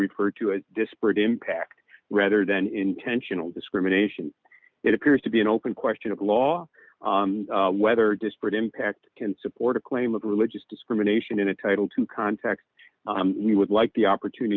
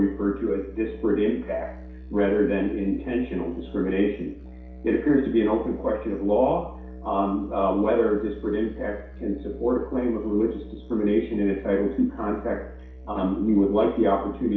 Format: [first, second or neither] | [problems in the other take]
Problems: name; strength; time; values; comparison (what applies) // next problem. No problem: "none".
first | background sound (Musical instrument); 15 dB below the speech // room echo; dies away in 0.6 s